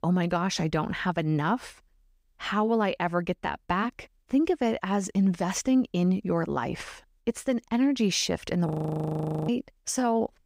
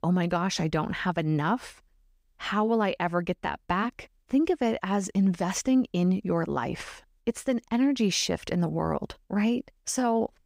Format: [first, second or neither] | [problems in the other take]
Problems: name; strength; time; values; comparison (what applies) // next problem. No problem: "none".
second | audio freezing; at 8.5 s for 1 s